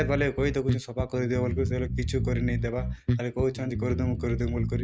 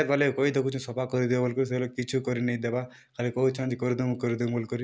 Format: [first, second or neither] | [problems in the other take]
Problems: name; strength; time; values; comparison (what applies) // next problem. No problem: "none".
second | noise reduction (neural mask model RNNoise)